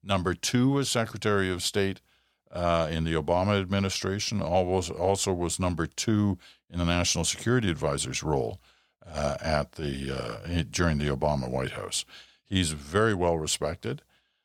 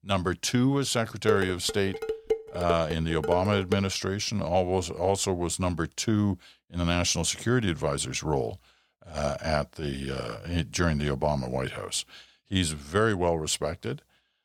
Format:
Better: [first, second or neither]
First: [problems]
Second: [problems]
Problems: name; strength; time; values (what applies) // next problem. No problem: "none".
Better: first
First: none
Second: clattering dishes; noticeable; from 1.5 to 4 s; peak 2 dB below the speech